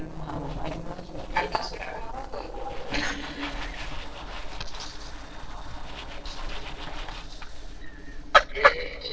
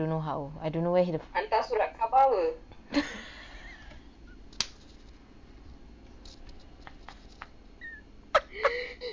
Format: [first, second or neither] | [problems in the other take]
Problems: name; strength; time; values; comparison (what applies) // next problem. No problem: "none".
second | noise reduction (neural separator model SepFormer DNS4)